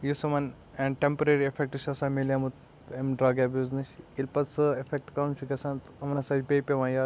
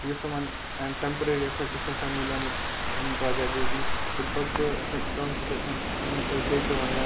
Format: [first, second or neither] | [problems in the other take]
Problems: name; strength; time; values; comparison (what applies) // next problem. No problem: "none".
first | background sound (Rain / Thunderstorm); 3 dB above the speech // room echo; dies away in 0.5 s